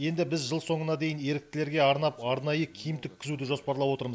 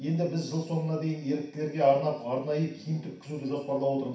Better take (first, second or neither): first